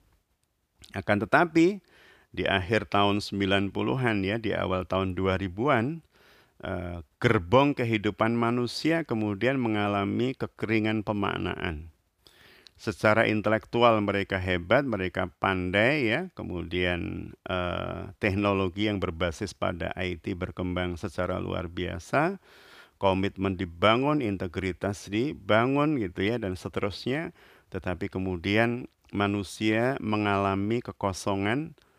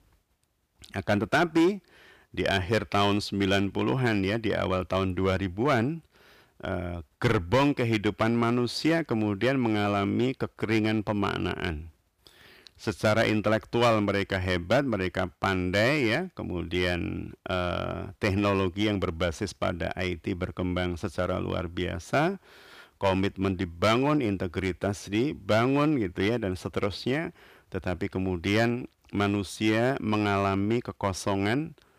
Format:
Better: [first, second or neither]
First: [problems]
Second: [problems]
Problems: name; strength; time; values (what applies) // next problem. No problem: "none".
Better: first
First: none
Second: distortion; slight; 3% of the sound clipped